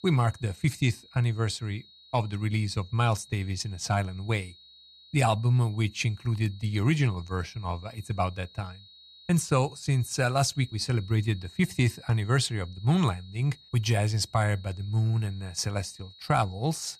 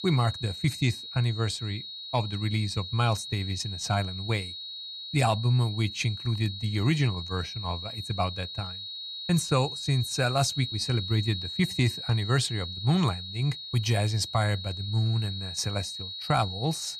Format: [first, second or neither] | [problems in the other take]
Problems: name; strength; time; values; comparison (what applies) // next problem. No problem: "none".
first | high-pitched whine; loud; throughout; 4 kHz, 7 dB below the speech; faint in the first